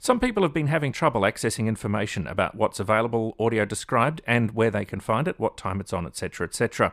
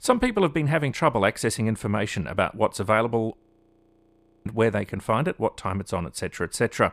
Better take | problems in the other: first | audio freezing; at 3.5 s for 1 s

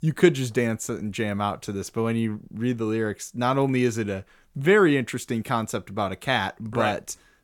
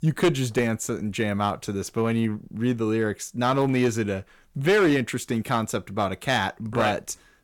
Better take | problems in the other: first | distortion; slight; 5% of the sound clipped

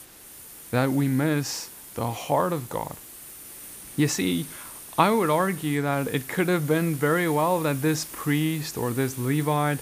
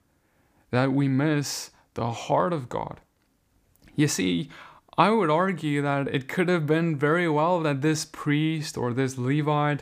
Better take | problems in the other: second | hiss; noticeable; throughout; 15 dB below the speech

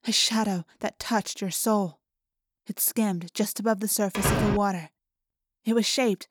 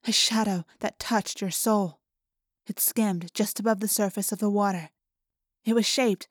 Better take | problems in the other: second | door banging; loud; at 4 s; peak level with the speech

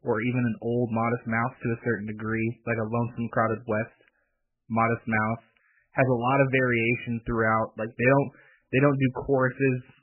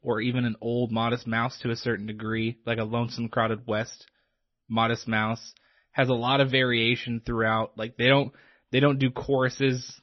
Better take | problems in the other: second | garbled, watery; badly; nothing above 2.5 kHz; slightly in the second

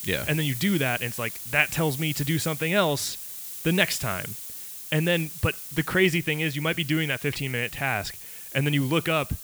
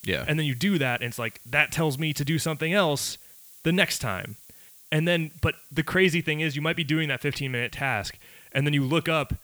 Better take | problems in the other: second | hiss; loud; throughout; 10 dB below the speech; faint in the second

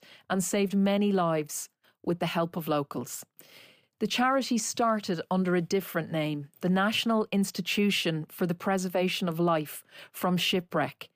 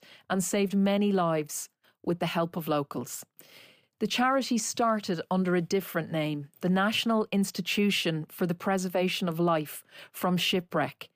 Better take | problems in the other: neither | none

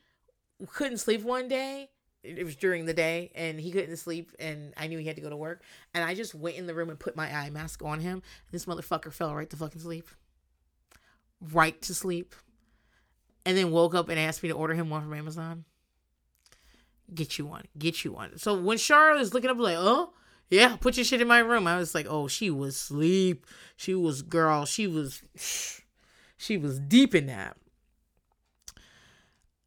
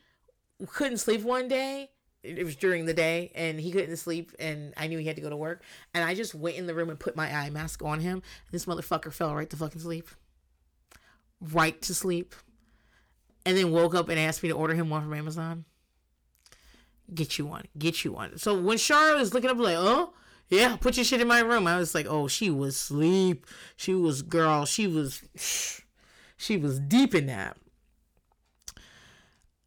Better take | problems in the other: first | distortion; slight; 10 dB below the speech

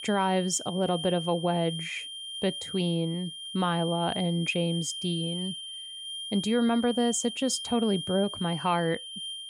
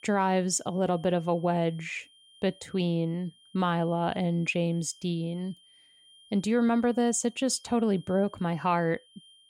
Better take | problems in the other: second | high-pitched whine; loud; throughout; 3 kHz, 7 dB below the speech; faint in the second

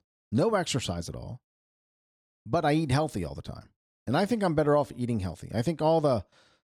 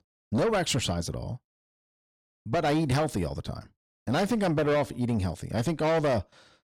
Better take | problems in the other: first | distortion; heavy; 8 dB below the speech

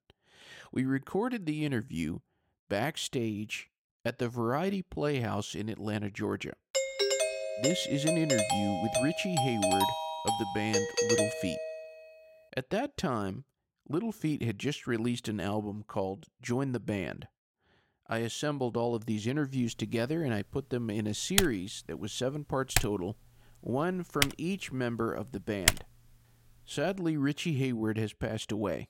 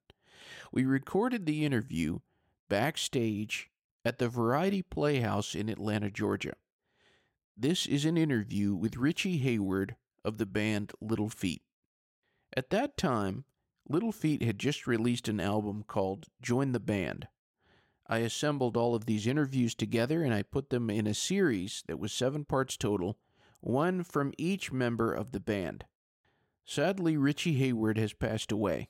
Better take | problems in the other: second | doorbell; loud; from 6.5 to 12 s; peak 6 dB above the speech // keyboard typing; loud; from 21 to 26 s; peak 6 dB above the speech

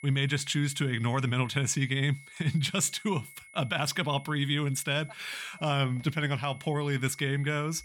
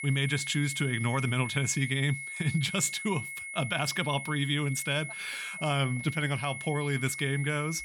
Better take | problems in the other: first | high-pitched whine; loud; throughout; 2 kHz, 7 dB below the speech; faint in the first

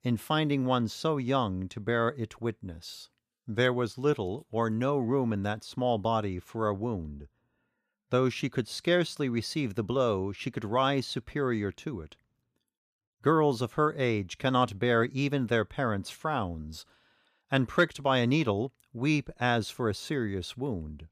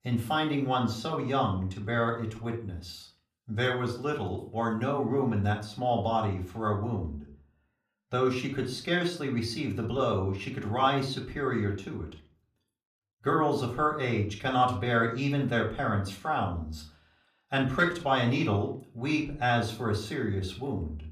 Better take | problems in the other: first | off-mic speech; far // room echo; slight; dies away in 0.4 s

